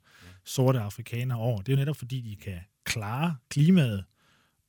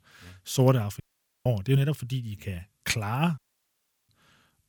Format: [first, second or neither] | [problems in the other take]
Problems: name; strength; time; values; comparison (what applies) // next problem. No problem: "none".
first | audio cutting out; at 1 s and at 3.5 s for 0.5 s